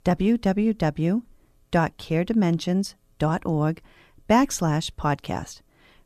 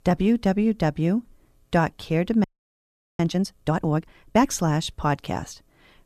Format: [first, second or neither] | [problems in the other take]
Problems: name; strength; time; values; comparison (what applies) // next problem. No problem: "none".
first | audio freezing; at 2.5 s for 1 s